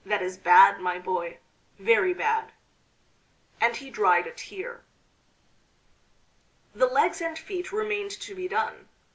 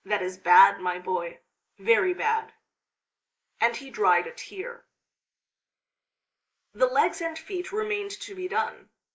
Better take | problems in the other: first | noise reduction (neural mask model Resemble Enhance denoiser)

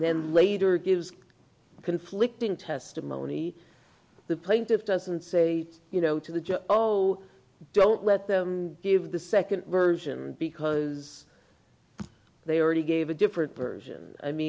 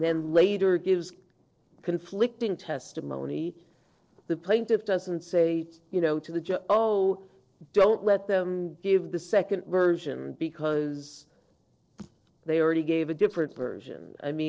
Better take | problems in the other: first | noise reduction (neural separator model SepFormer DNS4)

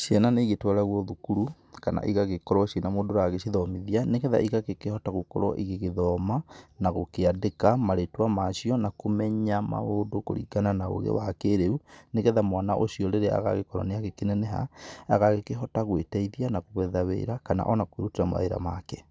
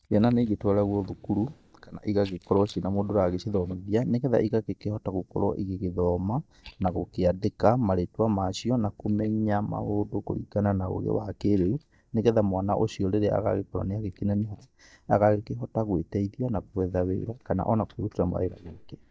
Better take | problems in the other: first | noise reduction (neural mask model DeepFilterNet 3)

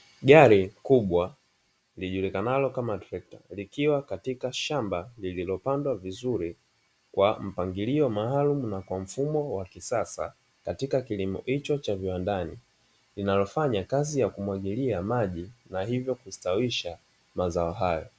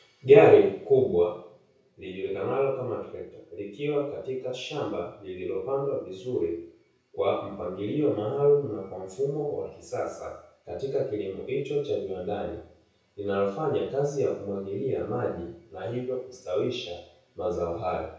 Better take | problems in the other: first | room echo; dies away in 0.6 s

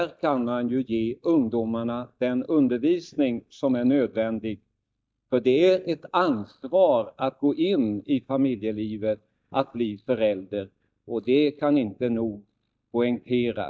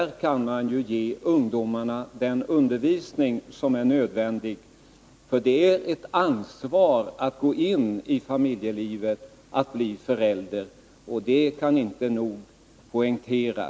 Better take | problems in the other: second | noise reduction (neural mask model DeepFilterNet 3)

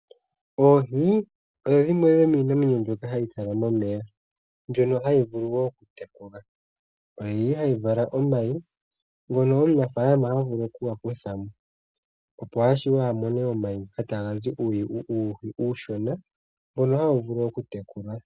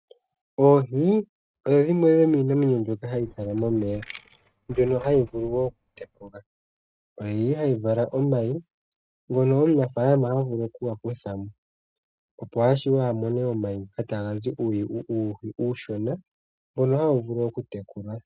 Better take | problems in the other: first | noise reduction (neural mask model RNNoise)

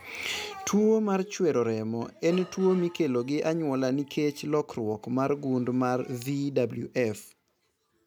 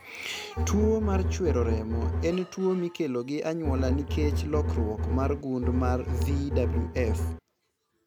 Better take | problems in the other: first | background sound (Bowed string instrument); 2 dB above the speech

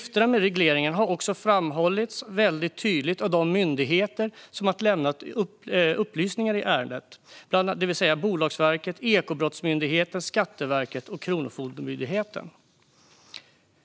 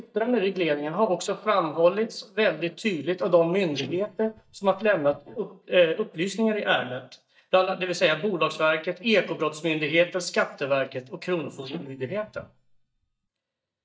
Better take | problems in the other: first | noise reduction (neural mask model DeepFilterNet 3)

